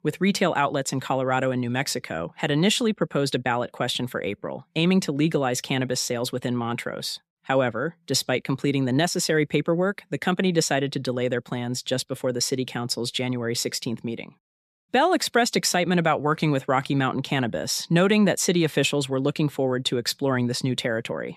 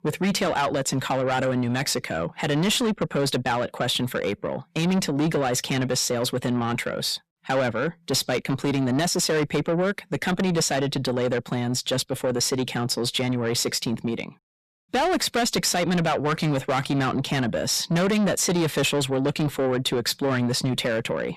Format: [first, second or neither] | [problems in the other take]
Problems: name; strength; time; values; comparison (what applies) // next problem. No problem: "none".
first | distortion; heavy; 7 dB below the speech